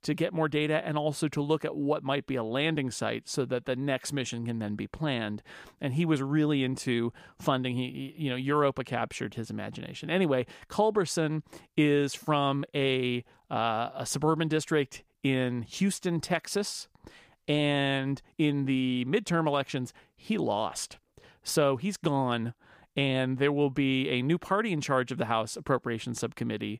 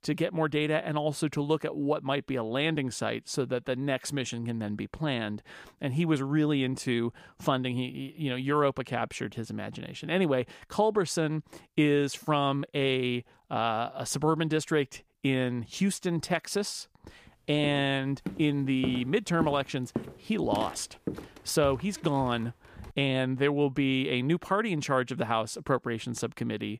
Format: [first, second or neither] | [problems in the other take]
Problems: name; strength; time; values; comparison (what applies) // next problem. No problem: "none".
first | footsteps; noticeable; from 18 to 23 s; peak 7 dB below the speech